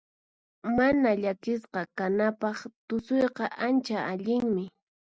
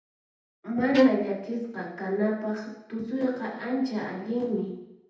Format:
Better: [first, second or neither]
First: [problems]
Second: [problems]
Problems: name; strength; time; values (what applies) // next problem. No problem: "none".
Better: first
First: none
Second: background sound (Bowed string instrument); 3 dB above the speech // room echo; dies away in 0.8 s